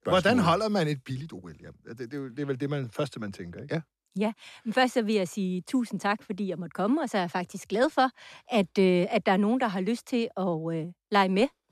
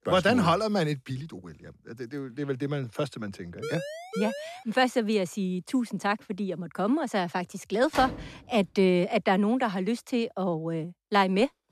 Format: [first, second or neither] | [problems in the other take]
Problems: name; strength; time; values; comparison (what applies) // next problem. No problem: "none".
first | siren; noticeable; from 3.5 to 4.5 s; peak 8 dB below the speech // door banging; noticeable; at 8 s; peak 8 dB below the speech